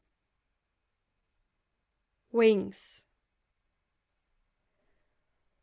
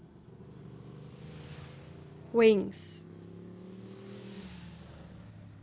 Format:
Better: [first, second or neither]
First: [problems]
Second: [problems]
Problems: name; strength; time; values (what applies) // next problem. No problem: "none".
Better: first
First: none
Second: background sound (Motorcycle + Motorcycle); 13 dB below the speech